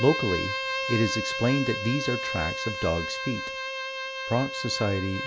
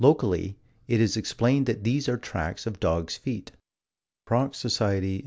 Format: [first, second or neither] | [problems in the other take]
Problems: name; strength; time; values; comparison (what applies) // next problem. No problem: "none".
second | background sound (Bowed string instrument); 4 dB below the speech